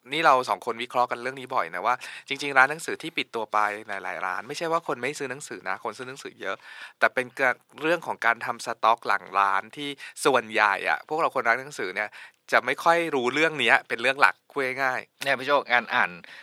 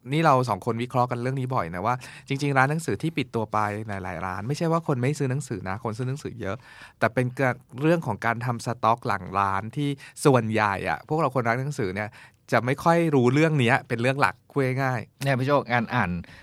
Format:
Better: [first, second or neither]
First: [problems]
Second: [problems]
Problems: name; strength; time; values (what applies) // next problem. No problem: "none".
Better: second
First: thin; very; fading below 450 Hz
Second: none